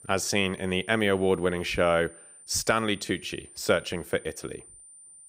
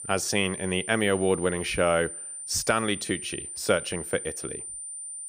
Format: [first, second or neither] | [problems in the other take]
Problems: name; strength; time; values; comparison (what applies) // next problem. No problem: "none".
first | high-pitched whine; loud; throughout; 9 kHz, 8 dB below the speech; faint in the first